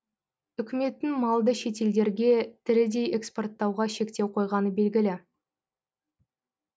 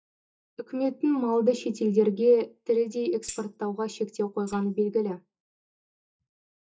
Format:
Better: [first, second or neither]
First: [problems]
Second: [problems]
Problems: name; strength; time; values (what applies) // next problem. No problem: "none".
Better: first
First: none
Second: noise reduction (neural mask model DeepFilterNet 3)